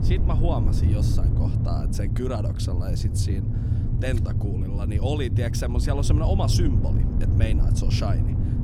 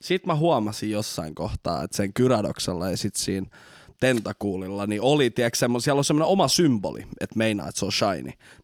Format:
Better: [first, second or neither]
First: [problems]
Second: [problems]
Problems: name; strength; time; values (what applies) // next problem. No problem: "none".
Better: second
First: low rumble; loud; throughout; 3 dB below the speech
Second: none